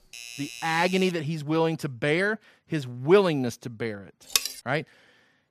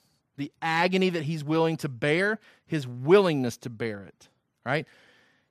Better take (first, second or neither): second